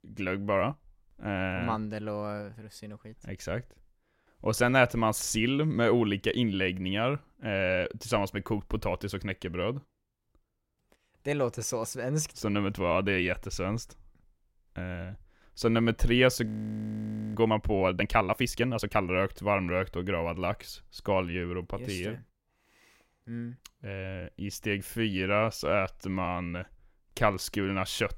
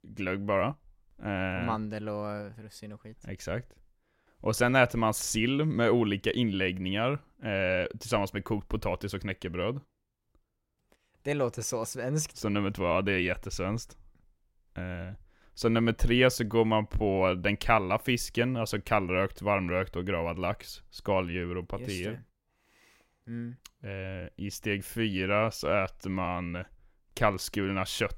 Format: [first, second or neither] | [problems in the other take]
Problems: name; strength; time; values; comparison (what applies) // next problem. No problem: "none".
second | audio freezing; at 16 s for 1 s